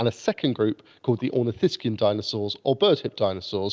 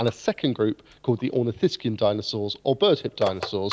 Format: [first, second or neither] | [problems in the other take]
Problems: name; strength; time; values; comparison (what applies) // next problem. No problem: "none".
first | background sound (Telephone); 12 dB below the speech